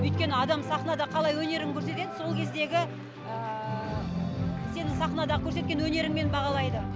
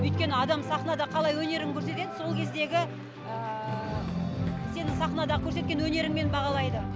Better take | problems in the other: first | background sound (Drum kit); 20 dB below the speech

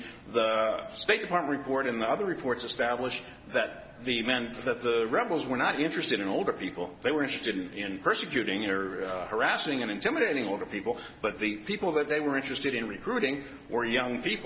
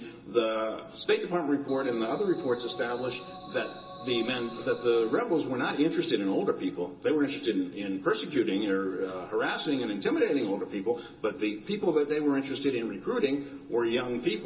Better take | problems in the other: first | background sound (Organ); 15 dB below the speech // room echo; dies away in 0.2 s

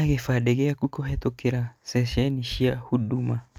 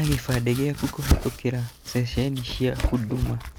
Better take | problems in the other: first | background sound (Domestic sounds, home sounds); 4 dB below the speech

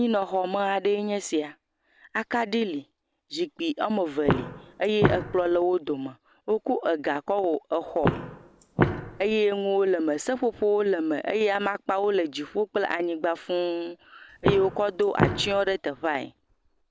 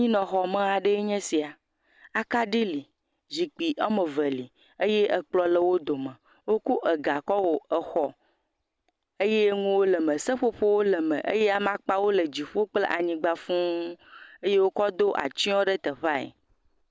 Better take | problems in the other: second | background sound (Walk, footsteps); 2 dB below the speech

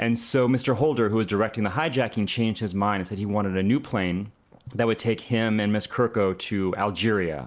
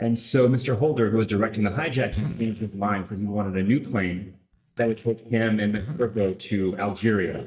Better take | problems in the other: first | noise reduction (neural mask model DeepFilterNet 3)

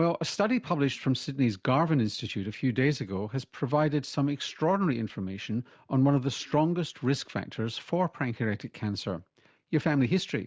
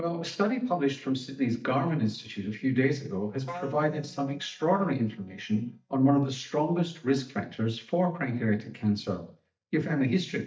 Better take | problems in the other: first | noise reduction (neural mask model DeepFilterNet 3)

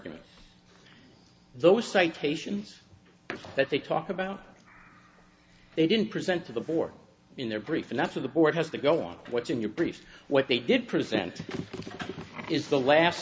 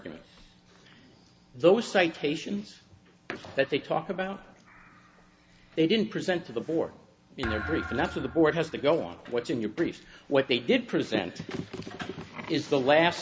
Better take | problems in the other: first | background sound (Thump, thud); 11 dB below the speech

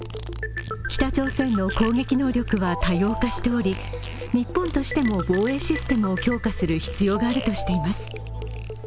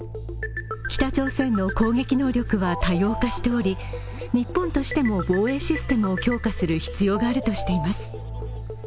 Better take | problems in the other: second | background sound (Cricket + Fart); 19 dB below the speech

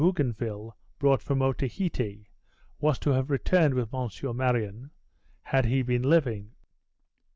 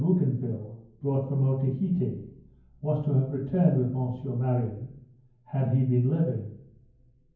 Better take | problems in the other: first | room echo; dies away in 0.9 s

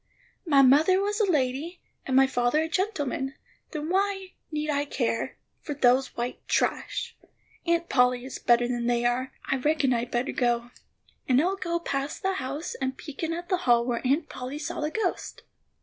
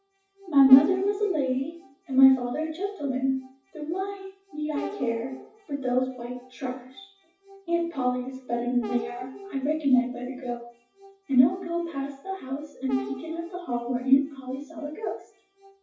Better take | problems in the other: first | noise reduction (classical method WPE with log-MMSE)

